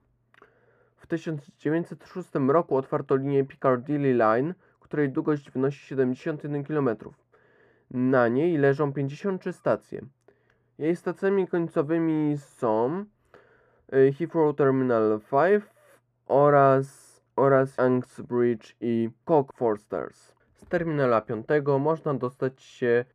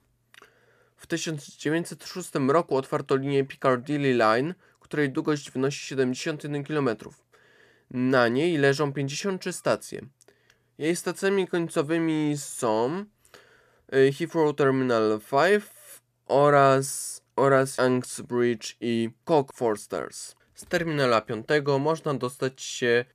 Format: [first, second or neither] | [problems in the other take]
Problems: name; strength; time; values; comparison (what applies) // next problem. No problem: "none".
second | muffled; very; fading above 2.5 kHz